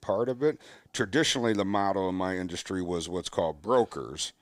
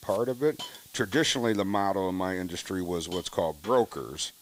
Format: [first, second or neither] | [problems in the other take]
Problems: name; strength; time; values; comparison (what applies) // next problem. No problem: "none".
first | hiss; noticeable; throughout; 15 dB below the speech